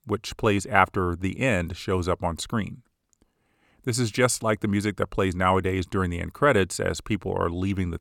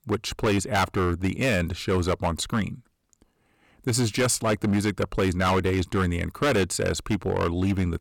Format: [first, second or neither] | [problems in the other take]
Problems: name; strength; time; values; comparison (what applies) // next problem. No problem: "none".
first | distortion; heavy; 11% of the sound clipped